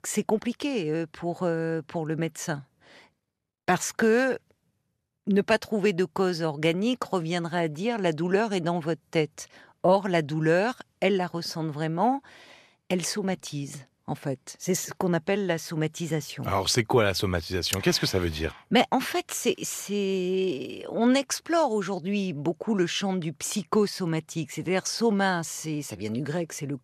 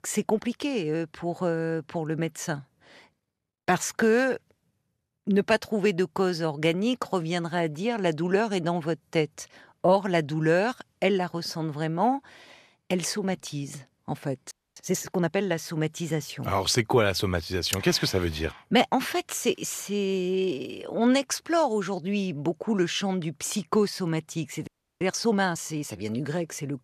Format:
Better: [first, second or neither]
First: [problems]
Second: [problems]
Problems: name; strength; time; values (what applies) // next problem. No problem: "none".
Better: first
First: none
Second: audio freezing; at 15 s and at 25 s